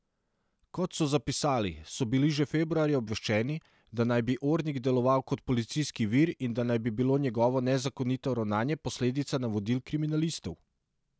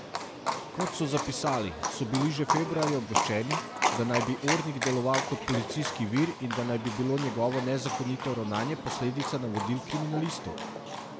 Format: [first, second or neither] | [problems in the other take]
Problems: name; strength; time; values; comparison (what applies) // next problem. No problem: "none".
first | background sound (Livestock, farm animals, working animals); 3 dB below the speech